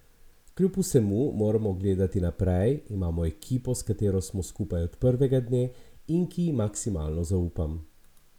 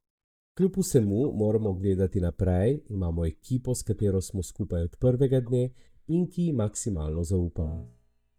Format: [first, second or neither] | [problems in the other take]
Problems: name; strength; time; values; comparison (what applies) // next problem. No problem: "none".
first | noise reduction (neural mask model DeepFilterNet 3)